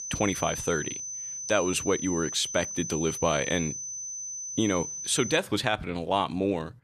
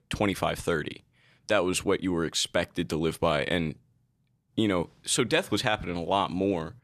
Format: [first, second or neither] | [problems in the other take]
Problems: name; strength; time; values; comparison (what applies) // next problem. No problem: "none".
second | high-pitched whine; loud; until 5.5 s; 6 kHz, 6 dB below the speech